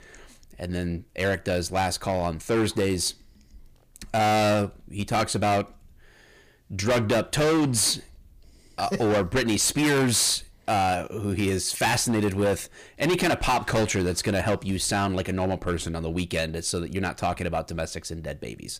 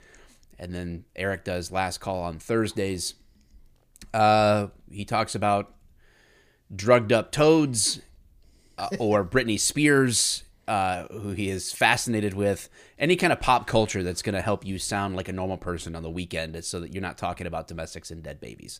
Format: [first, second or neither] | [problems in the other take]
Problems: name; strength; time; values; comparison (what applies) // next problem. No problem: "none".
second | distortion; heavy; 12% of the sound clipped